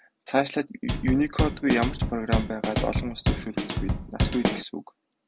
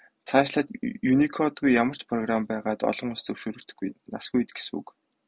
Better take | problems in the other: second | background sound (Drum kit); 1 dB above the speech

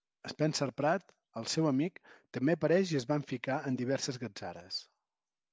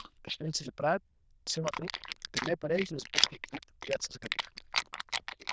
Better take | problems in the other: first | noise reduction (neural diffusion model UNIVERSE++)

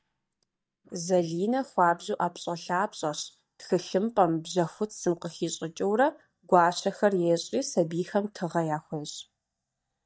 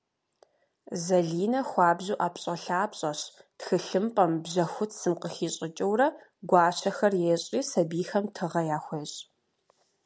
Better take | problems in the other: second | noise reduction (neural mask model DeepFilterNet 3)

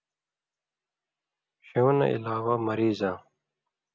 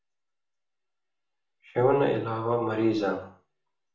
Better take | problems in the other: first | room echo; dies away in 0.5 s

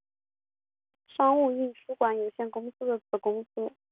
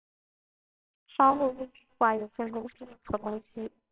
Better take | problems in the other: first | noise reduction (neural separator model SepFormer WHAMR!)

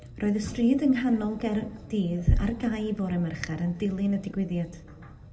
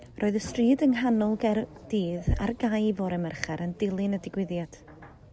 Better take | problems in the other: second | room echo; dies away in 0.7 s

